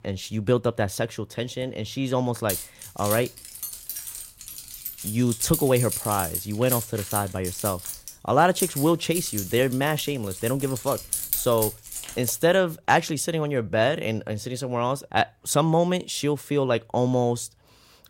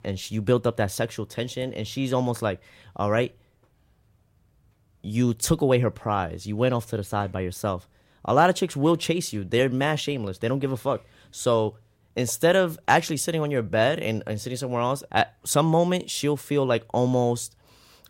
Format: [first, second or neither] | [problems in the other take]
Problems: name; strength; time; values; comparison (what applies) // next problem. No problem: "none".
second | jangling keys; loud; from 2.5 to 12 s; peak level with the speech